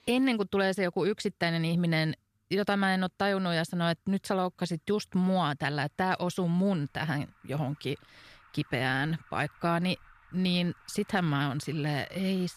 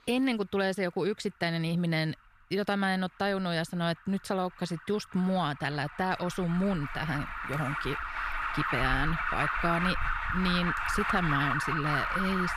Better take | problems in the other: first | alarms or sirens; loud; throughout; 1 dB below the speech; faint in the first

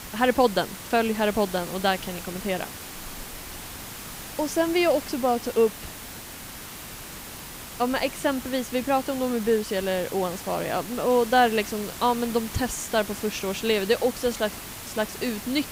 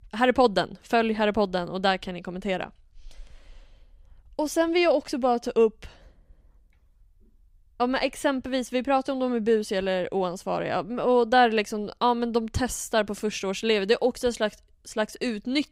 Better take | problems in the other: second | hiss; noticeable; throughout; 10 dB below the speech

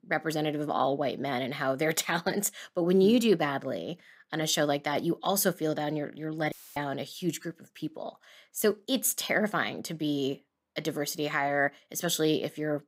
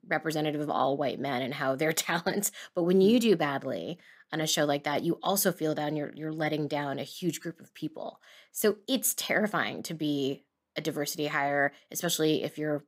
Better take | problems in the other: second | audio cutting out; filled with static; at 6.5 s

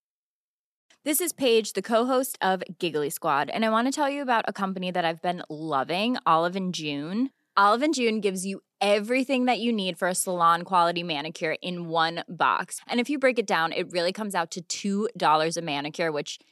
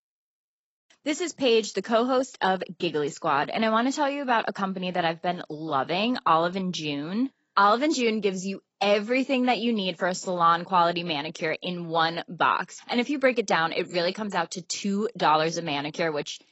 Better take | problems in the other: first | garbled, watery; badly; nothing above 7.5 kHz

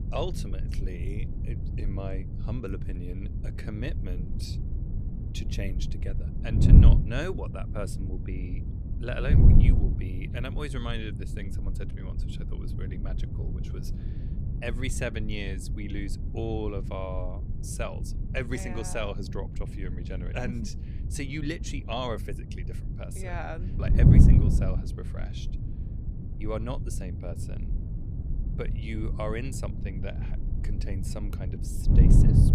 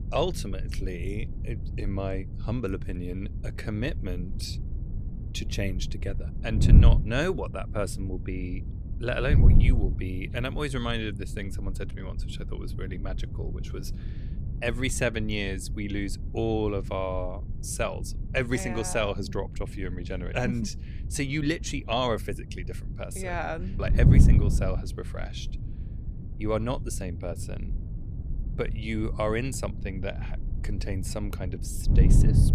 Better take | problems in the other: second | wind noise on the microphone; heavy; 3 dB below the speech; occasional gusts in the second

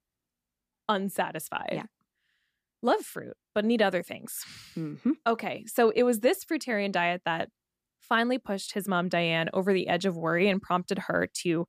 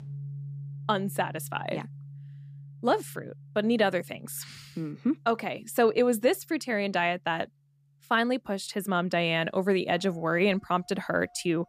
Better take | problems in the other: first | background music; noticeable; throughout; 15 dB below the speech

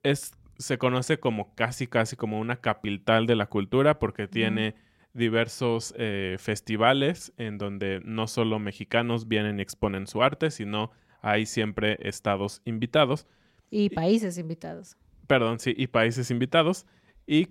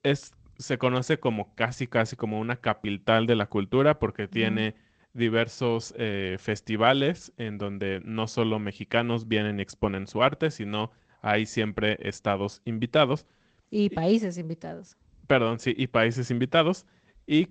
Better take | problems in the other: first | garbled, watery; slightly; nothing above 8 kHz

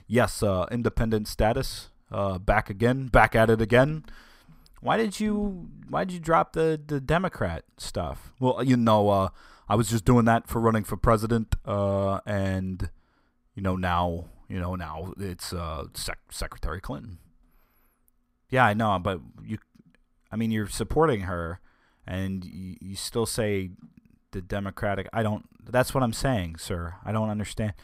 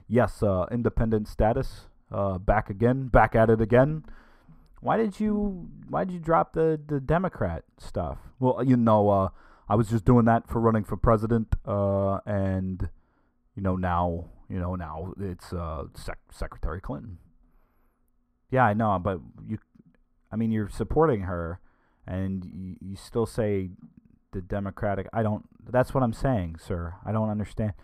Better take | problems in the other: first | muffled; slightly; fading above 2 kHz

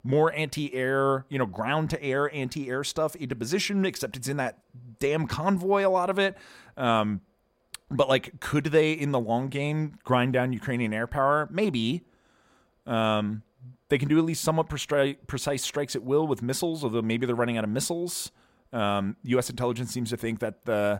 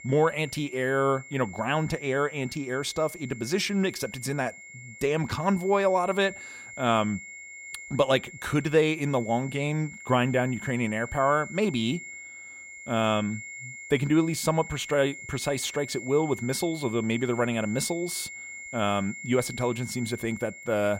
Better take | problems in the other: first | high-pitched whine; noticeable; throughout; 2 kHz, 15 dB below the speech

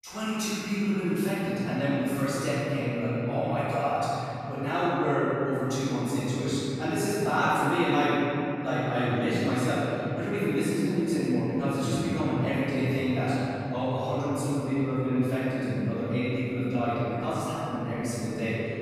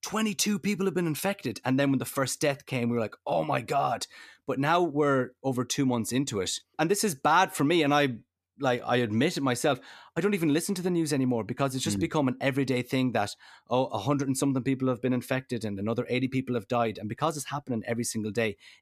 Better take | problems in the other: second | off-mic speech; far // room echo; strong; dies away in 3 s

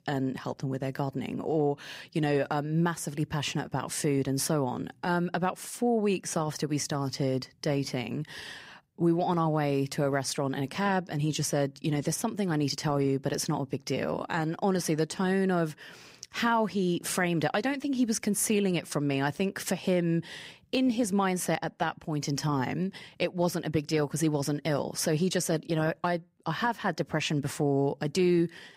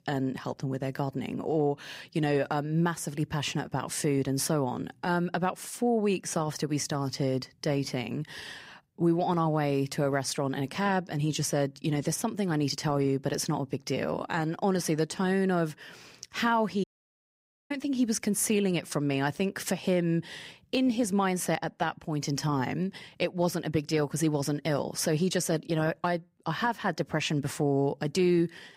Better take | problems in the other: first | audio cutting out; at 17 s for 1 s

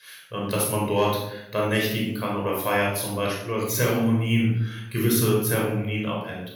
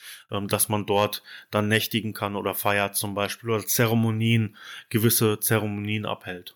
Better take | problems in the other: second | off-mic speech; far // room echo; noticeable; dies away in 0.7 s

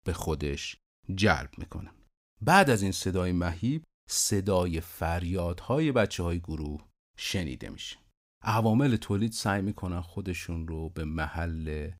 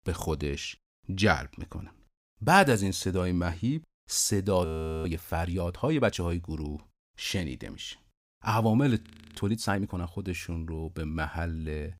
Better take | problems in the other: first | audio freezing; at 4.5 s and at 9 s

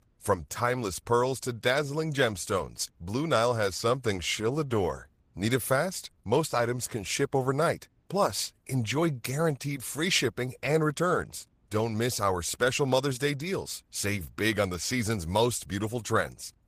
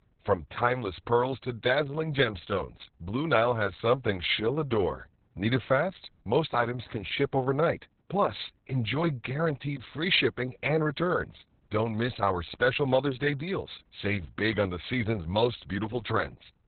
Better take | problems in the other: first | garbled, watery; badly; nothing above 4 kHz; slightly in the first

